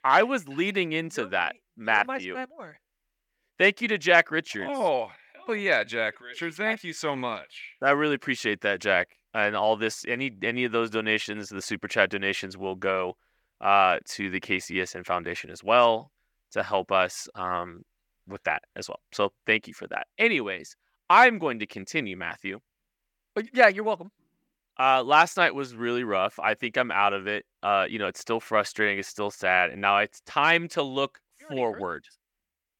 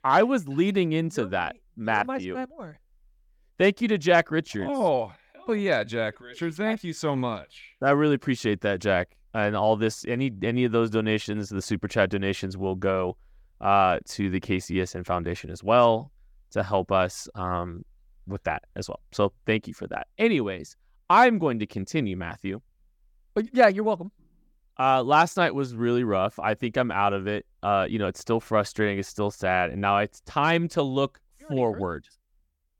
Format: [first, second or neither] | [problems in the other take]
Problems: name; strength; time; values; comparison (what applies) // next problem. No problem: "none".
second | thin; very slightly; fading below 500 Hz